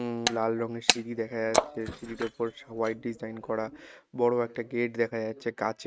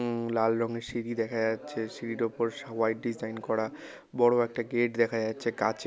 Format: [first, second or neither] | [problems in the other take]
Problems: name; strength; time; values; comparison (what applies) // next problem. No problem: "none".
second | noise reduction (neural mask model RNNoise)